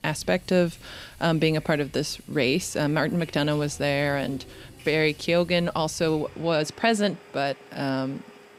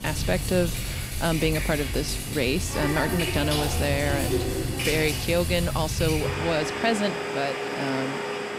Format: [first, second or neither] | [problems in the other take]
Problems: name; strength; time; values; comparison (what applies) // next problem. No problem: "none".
first | household noises; loud; throughout; 1 dB below the speech; faint in the first